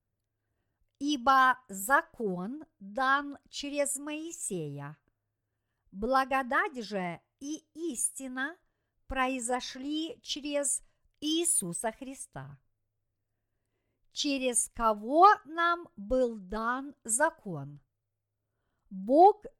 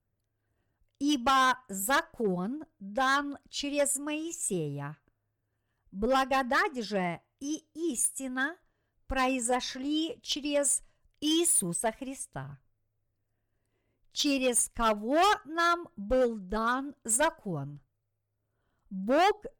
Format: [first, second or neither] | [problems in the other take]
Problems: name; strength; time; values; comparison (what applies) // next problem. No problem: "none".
first | distortion; heavy; 5% of the sound clipped